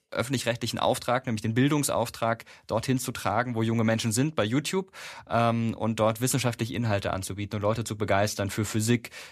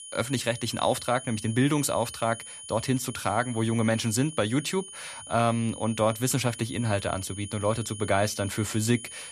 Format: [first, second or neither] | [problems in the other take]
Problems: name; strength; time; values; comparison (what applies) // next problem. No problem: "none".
first | high-pitched whine; noticeable; throughout; 9.5 kHz, 10 dB below the speech